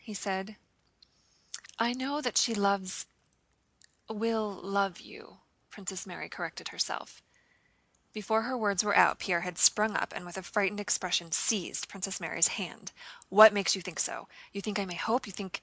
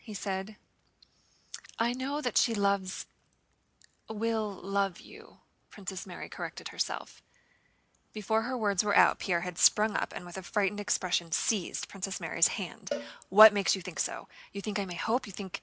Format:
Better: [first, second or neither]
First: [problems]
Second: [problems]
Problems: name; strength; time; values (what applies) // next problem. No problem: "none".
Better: first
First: none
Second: background sound (Cowbell); 13 dB below the speech